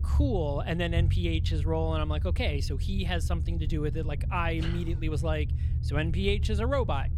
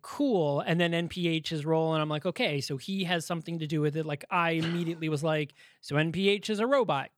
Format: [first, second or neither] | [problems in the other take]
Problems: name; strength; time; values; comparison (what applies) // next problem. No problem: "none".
second | low rumble; noticeable; throughout; 15 dB below the speech